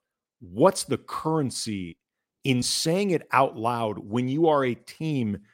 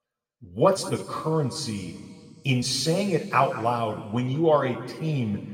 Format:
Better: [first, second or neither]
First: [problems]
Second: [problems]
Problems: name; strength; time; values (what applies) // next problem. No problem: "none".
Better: first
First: none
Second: room echo; noticeable; dies away in 1.8 s // off-mic speech; somewhat distant